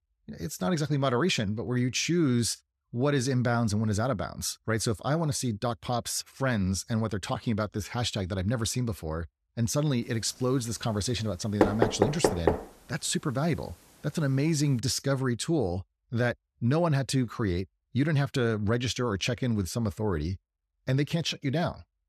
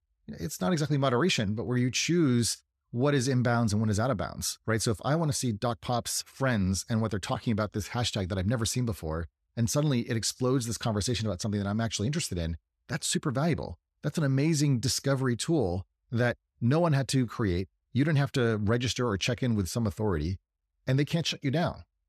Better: second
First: door banging; loud; at 12 s; peak 3 dB above the speech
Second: none

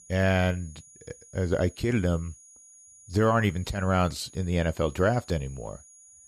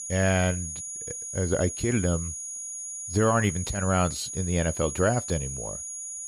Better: first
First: high-pitched whine; faint; throughout; 6.5 kHz, 25 dB below the speech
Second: high-pitched whine; loud; throughout; 6.5 kHz, 6 dB below the speech

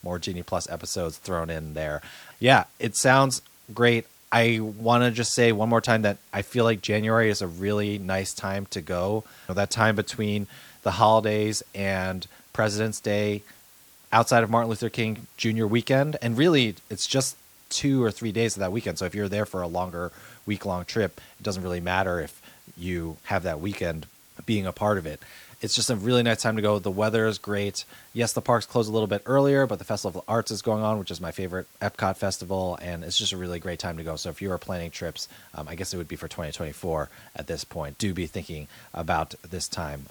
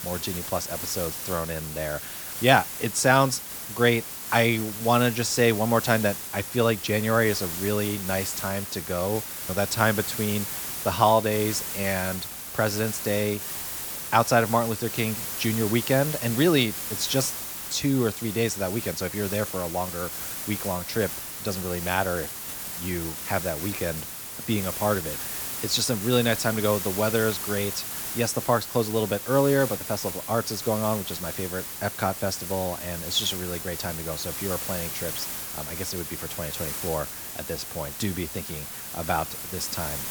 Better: first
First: hiss; faint; throughout; 25 dB below the speech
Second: hiss; loud; throughout; 5 dB below the speech

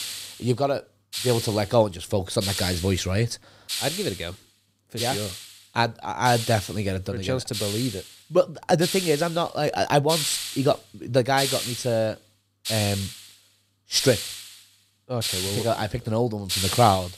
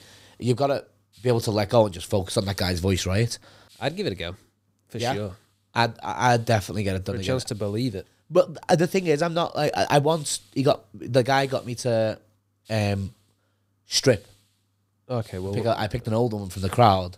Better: second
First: hiss; loud; throughout; 5 dB below the speech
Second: hiss; faint; throughout; 30 dB below the speech

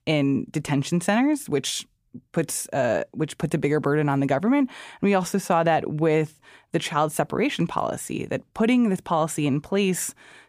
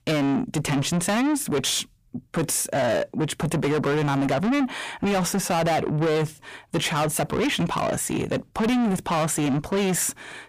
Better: first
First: none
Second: distortion; heavy; 6 dB below the speech

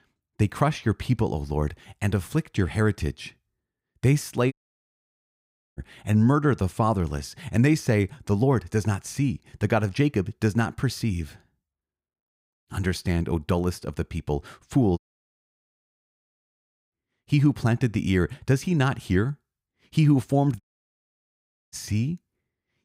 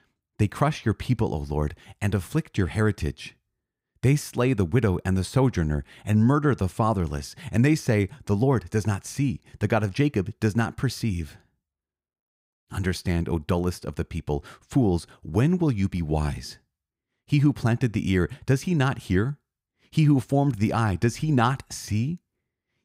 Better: second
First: audio cutting out; at 4.5 s for 1.5 s, at 15 s for 2 s and at 21 s for 1 s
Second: none

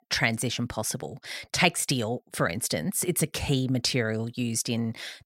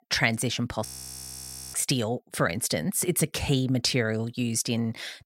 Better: first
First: none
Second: audio freezing; at 1 s for 1 s

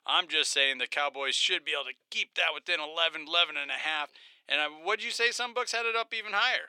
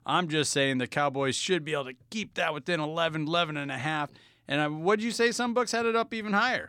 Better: second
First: thin; very; fading below 450 Hz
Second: none

